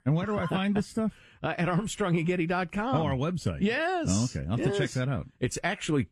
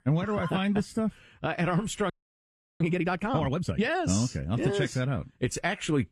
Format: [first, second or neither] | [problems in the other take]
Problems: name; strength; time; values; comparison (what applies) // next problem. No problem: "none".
first | audio freezing; at 2 s for 0.5 s